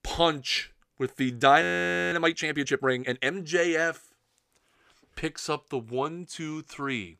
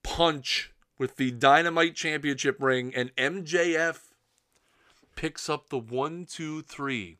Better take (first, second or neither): second